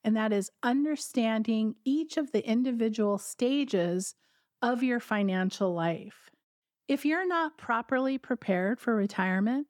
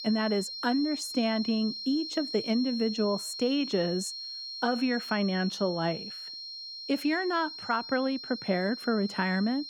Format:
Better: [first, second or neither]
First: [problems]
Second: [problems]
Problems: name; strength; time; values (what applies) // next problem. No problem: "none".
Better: first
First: none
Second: high-pitched whine; loud; throughout; 4 kHz, 7 dB below the speech